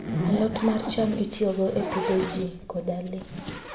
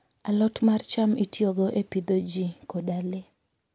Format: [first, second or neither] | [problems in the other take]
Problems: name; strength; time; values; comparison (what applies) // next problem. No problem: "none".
second | background sound (Zipper (clothing)); 5 dB below the speech // room echo; dies away in 1.3 s